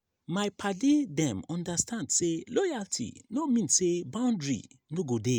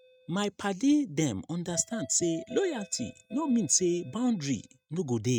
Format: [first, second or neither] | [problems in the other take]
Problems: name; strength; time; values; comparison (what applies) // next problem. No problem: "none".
first | noise reduction (neural mask model RNNoise)